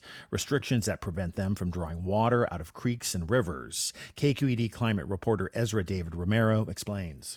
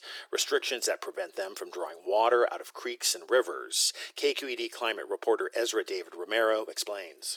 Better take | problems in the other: first | thin; very; fading below 350 Hz

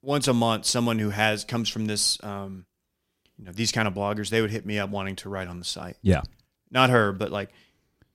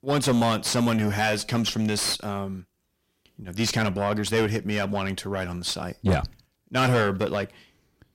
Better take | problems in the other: first | distortion; heavy; 6 dB below the speech

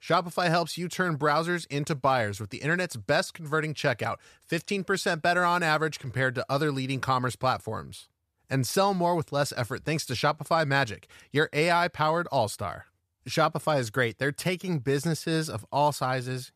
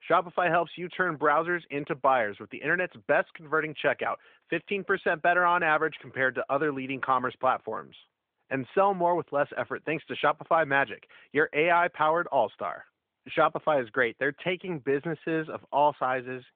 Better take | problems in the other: first | phone-call audio

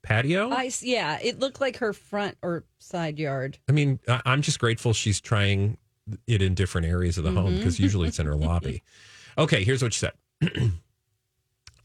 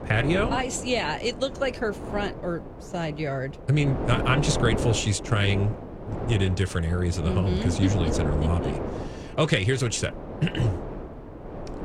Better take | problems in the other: first | wind noise on the microphone; heavy; 7 dB below the speech

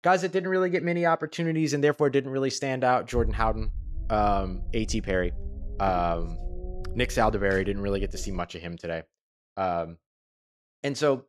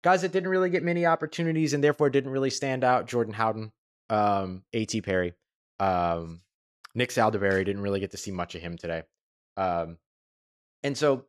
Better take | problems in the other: second | low rumble; faint; from 3 to 8.5 s; 25 dB below the speech

